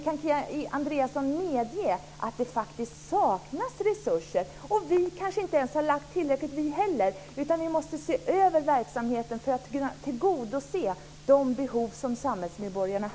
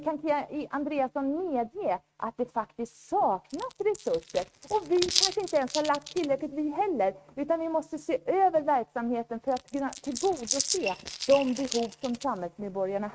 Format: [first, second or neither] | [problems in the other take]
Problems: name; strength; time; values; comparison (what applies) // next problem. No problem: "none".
first | noise reduction (neural mask model RNNoise)